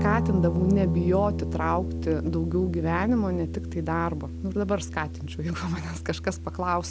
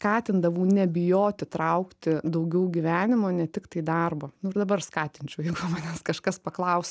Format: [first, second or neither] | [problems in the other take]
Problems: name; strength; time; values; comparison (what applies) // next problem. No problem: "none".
second | background sound (Guitar); 3 dB below the speech